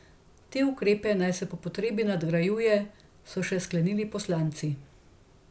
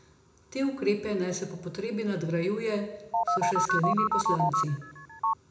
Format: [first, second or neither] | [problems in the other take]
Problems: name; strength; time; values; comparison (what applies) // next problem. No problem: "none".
first | background sound (Telephone); 4 dB above the speech // room echo; dies away in 0.6 s